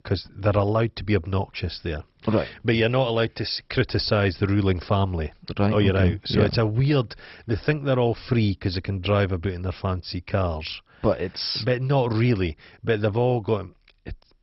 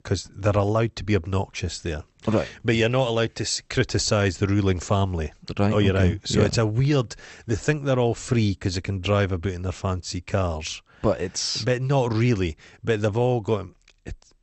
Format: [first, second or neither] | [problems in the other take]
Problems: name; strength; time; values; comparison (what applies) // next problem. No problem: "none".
second | garbled, watery; badly; nothing above 5.5 kHz; slightly in the second